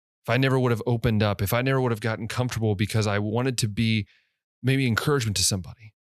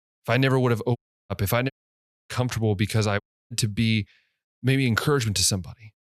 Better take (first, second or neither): first